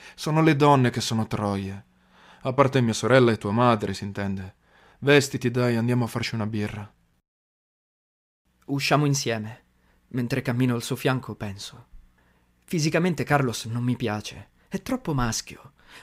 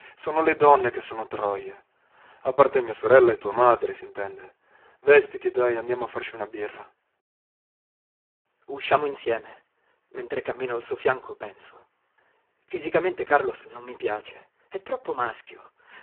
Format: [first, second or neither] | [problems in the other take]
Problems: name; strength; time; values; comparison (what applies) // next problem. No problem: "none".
first | phone-call audio; poor line